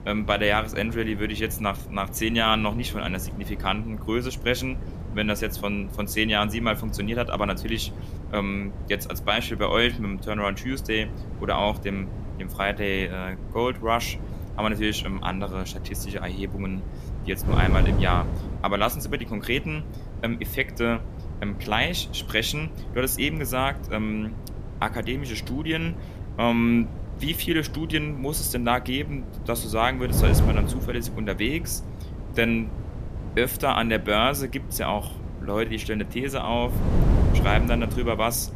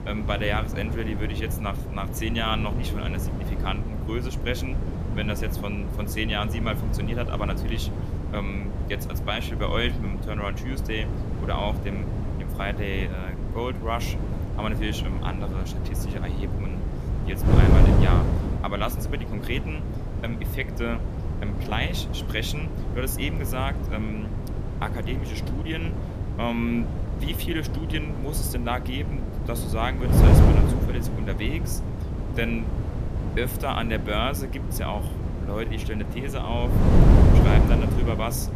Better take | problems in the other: first | wind noise on the microphone; heavy; 3 dB below the speech; occasional gusts in the first

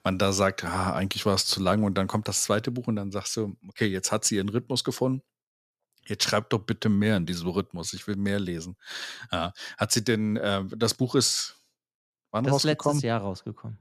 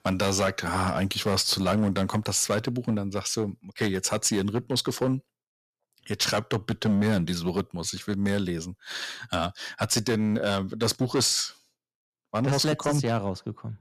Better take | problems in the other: first | distortion; slight; 6% of the sound clipped

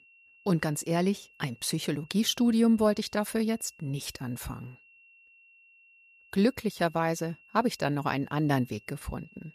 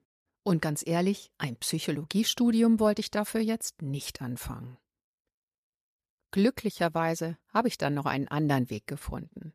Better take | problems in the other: second | high-pitched whine; faint; throughout; 2.5 kHz, 25 dB below the speech

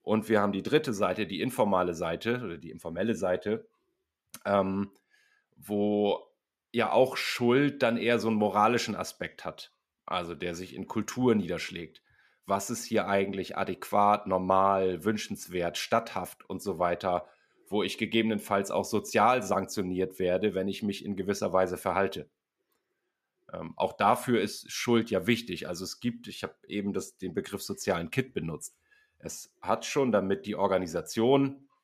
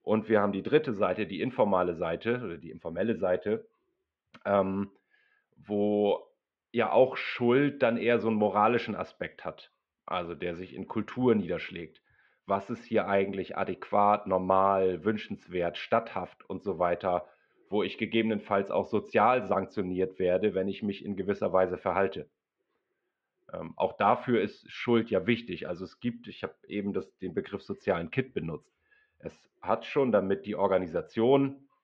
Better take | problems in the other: first | muffled; very; fading above 3 kHz

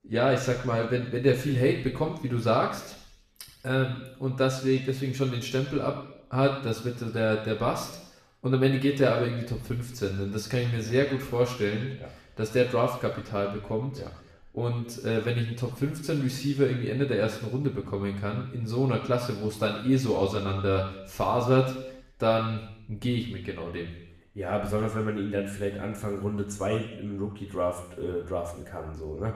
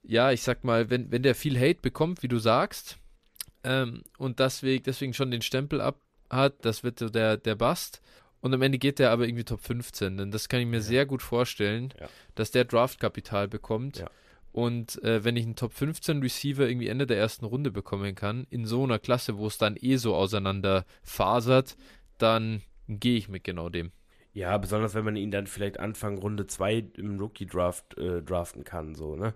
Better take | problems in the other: second | room echo; noticeable; dies away in 0.8 s // off-mic speech; somewhat distant

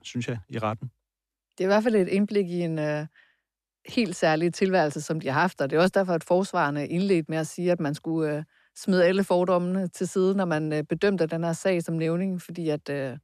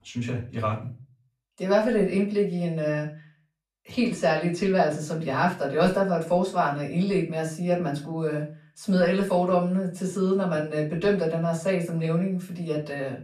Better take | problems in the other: first | off-mic speech; far // room echo; slight; dies away in 0.3 s

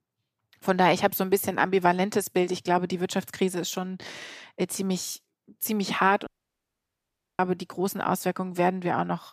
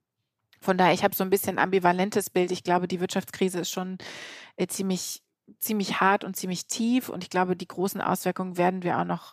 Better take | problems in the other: second | audio cutting out; at 6.5 s for 1 s

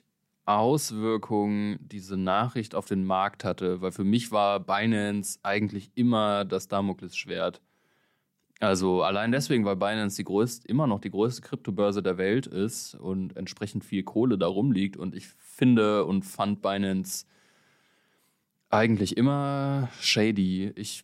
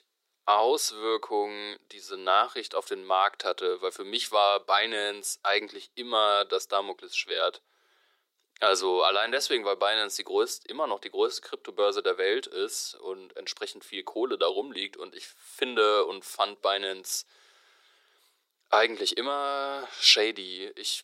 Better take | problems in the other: first | thin; very; fading below 400 Hz

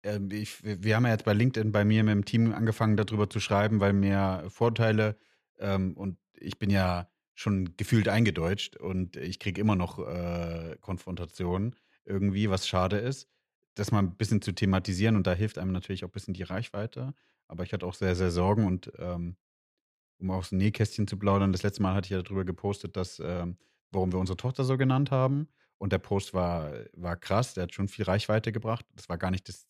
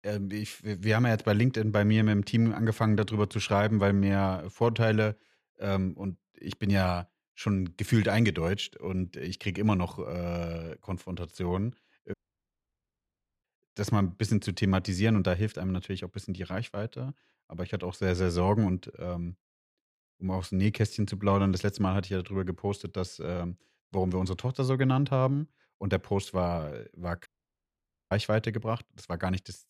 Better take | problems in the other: first | audio cutting out; at 12 s for 1.5 s and at 27 s for 1 s

